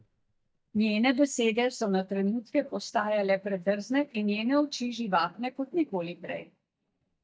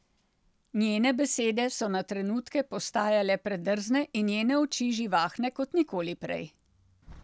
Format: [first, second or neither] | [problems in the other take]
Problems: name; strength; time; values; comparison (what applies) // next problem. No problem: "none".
second | noise reduction (neural mask model DeepFilterNet 3)